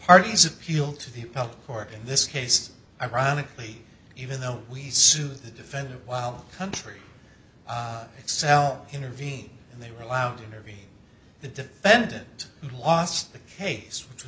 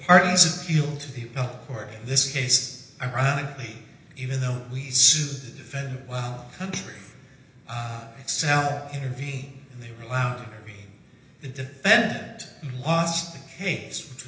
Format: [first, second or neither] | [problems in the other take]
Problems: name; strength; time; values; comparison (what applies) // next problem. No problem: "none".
first | room echo; dies away in 1 s